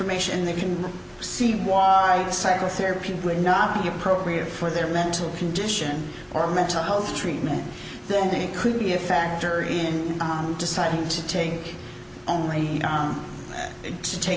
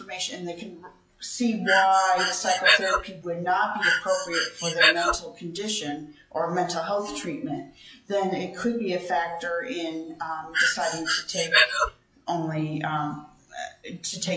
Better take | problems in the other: first | noise reduction (classical method log-MMSE)

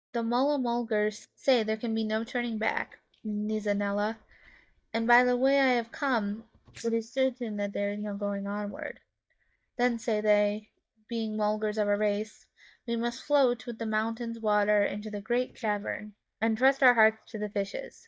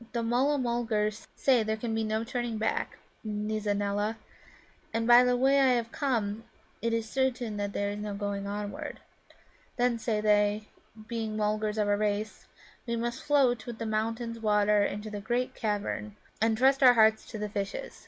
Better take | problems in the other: second | noise reduction (neural mask model DeepFilterNet 3)

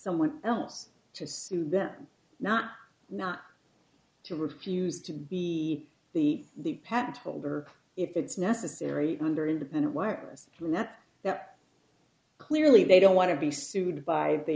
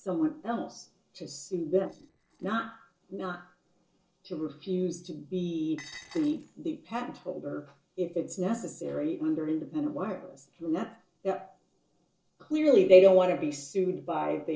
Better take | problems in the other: first | noise reduction (neural separator model SepFormer DNS4)

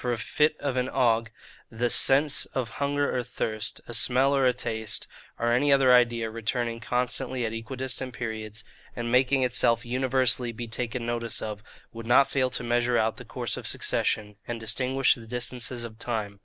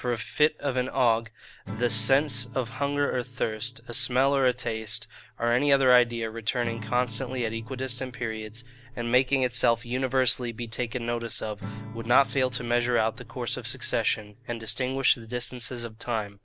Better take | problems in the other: first | background sound (Acoustic guitar / Strum); 16 dB below the speech

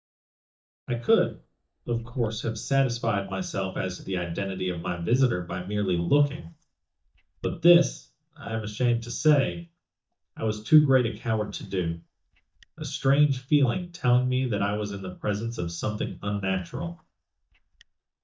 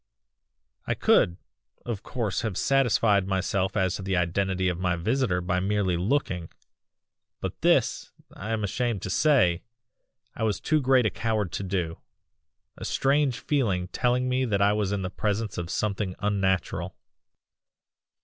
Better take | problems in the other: second | noise reduction (neural mask model DeepFilterNet 3)

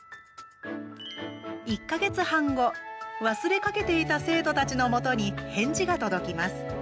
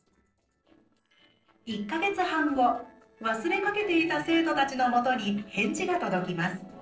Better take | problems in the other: first | noise reduction (neural separator model SepFormer DNS4)

